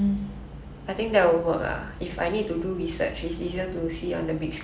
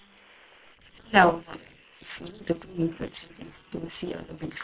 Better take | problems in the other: first | noise reduction (neural separator model SepFormer WHAM!)

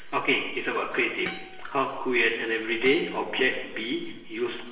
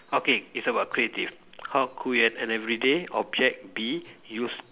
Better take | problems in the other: second | background sound (Harp); 18 dB below the speech // room echo; dies away in 1 s

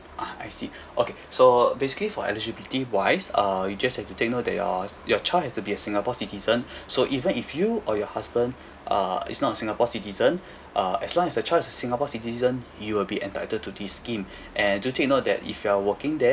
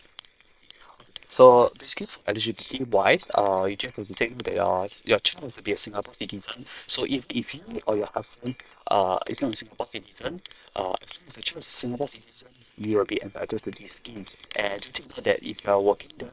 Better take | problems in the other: first | noise reduction (neural separator model SepFormer WHAM!)

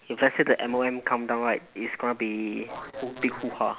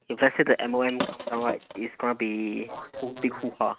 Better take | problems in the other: first | noise reduction (neural mask model RNNoise)

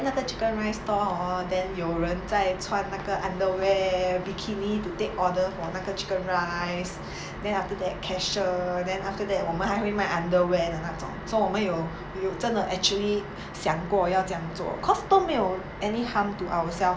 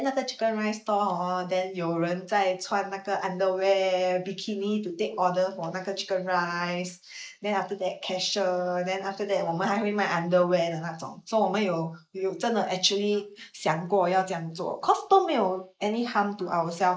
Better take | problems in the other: first | noise reduction (neural mask model Resemble Enhance denoiser)

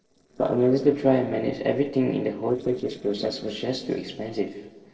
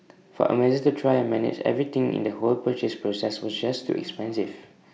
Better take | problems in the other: second | noise reduction (neural separator model SepFormer DNS4)

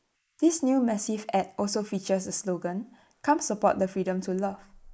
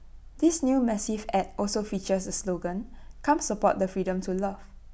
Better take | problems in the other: second | noise reduction (neural mask model Resemble Enhance denoiser)

